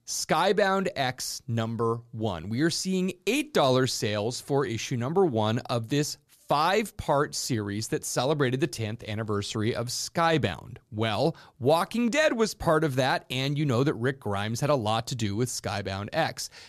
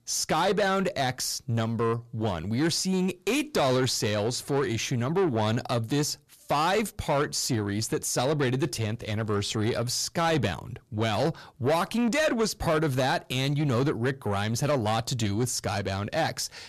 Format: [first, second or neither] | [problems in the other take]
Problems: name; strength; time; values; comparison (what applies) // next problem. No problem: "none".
first | distortion; slight; 10 dB below the speech